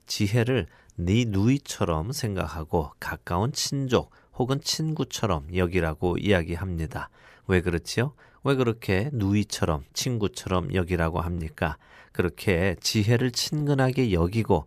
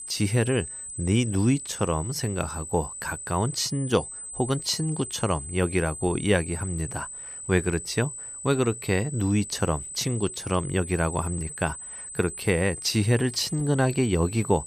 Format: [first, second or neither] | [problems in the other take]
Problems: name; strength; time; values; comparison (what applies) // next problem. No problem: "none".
first | high-pitched whine; loud; throughout; 8 kHz, 9 dB below the speech